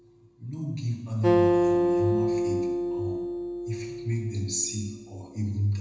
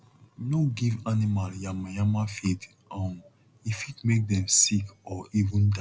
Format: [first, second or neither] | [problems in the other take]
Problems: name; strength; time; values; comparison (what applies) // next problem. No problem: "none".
second | background sound (Acoustic guitar); 4 dB above the speech // room echo; dies away in 1 s